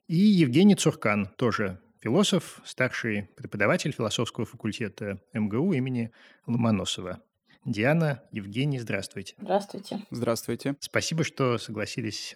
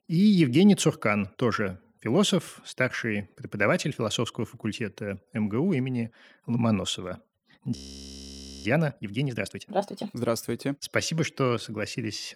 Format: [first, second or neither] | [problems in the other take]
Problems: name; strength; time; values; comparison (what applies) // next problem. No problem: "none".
first | audio freezing; at 8 s for 1 s